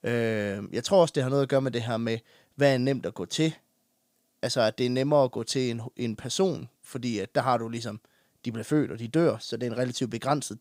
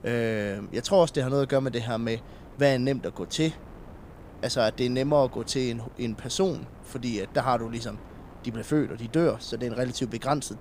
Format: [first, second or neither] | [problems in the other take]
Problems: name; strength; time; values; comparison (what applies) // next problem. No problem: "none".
first | wind noise on the microphone; occasional gusts; 20 dB below the speech